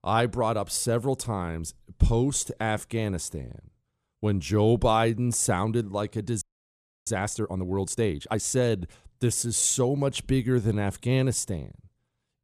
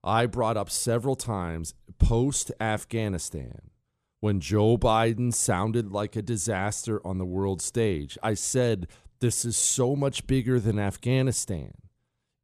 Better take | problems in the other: second | audio freezing; at 6.5 s for 0.5 s

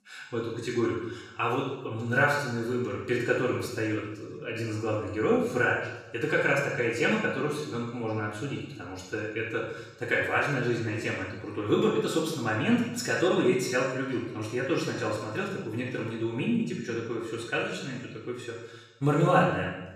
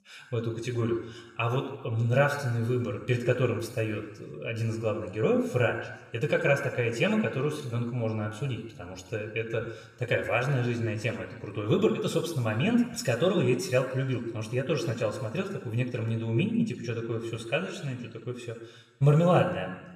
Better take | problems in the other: second | room echo; strong; dies away in 0.9 s; slight in the second // off-mic speech; far

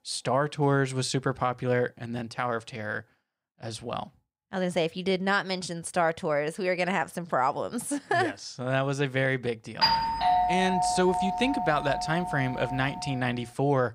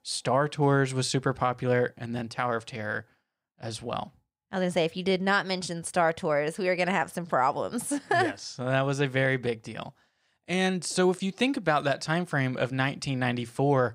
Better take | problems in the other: second | doorbell; loud; from 10 to 13 s; peak 5 dB above the speech

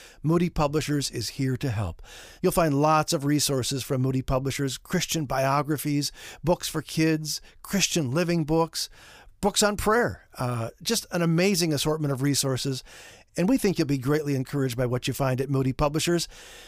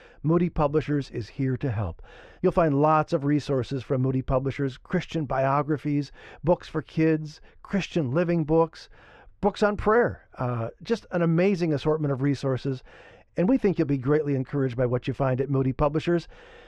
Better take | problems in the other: first | muffled; very; fading above 2 kHz

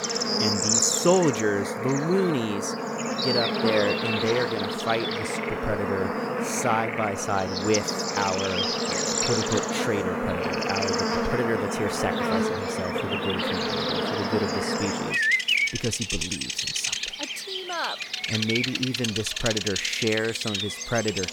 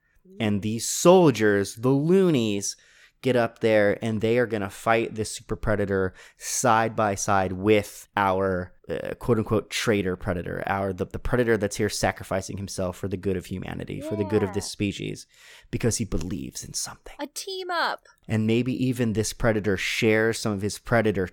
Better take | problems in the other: second | animal sounds; very loud; throughout; 3 dB above the speech

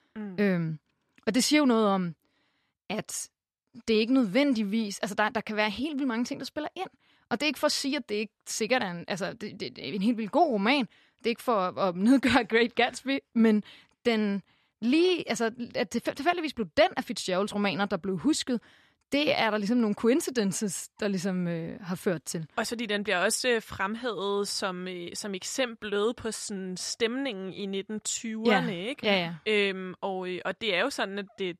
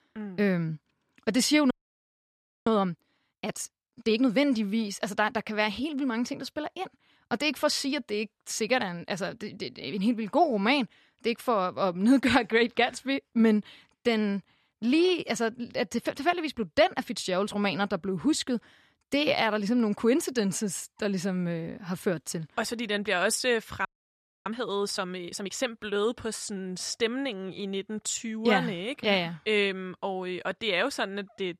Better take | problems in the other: first | audio freezing; at 1.5 s for 1 s and at 24 s for 0.5 s

